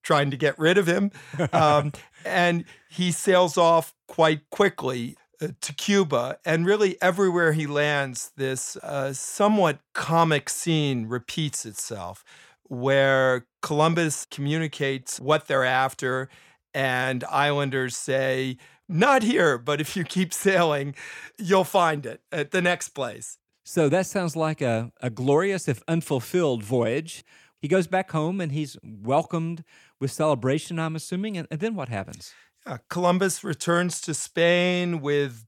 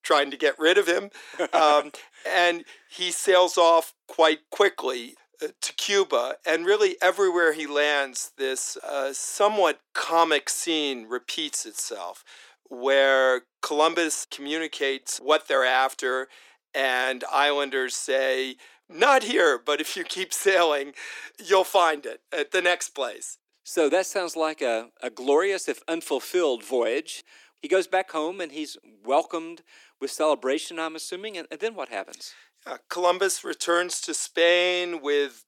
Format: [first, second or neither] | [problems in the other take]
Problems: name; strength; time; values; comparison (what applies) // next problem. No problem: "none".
first | thin; somewhat; fading below 300 Hz